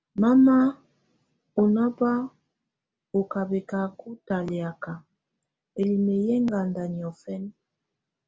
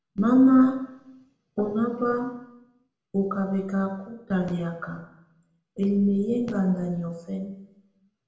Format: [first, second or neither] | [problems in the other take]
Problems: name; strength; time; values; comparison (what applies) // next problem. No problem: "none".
first | room echo; dies away in 0.8 s